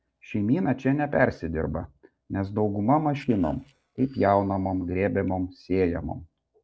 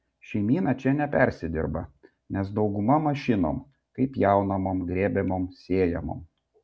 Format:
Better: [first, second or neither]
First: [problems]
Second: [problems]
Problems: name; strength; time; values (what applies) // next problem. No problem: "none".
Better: second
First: noise reduction (neural separator model SepFormer DNS4)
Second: none